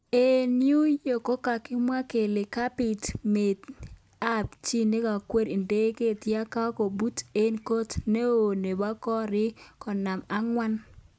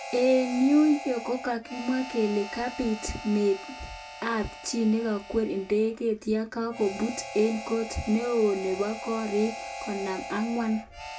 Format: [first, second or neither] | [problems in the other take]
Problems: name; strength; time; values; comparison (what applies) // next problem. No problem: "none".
first | background sound (Harmonica); 12 dB below the speech // room echo; dies away in 0.2 s